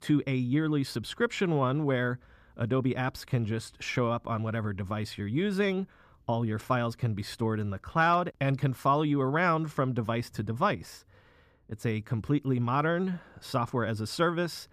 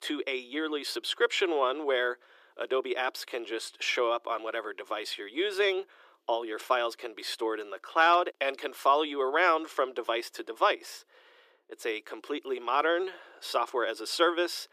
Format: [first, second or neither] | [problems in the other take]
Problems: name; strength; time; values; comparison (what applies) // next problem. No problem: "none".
first | thin; very; fading below 350 Hz